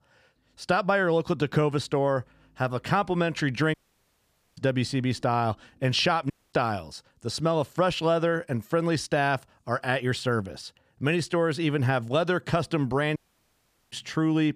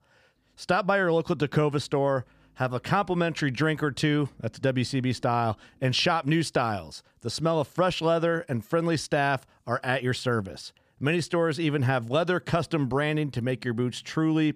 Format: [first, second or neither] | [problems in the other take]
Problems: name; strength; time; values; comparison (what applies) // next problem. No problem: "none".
second | audio cutting out; at 3.5 s for 1 s, at 6.5 s and at 13 s for 1 s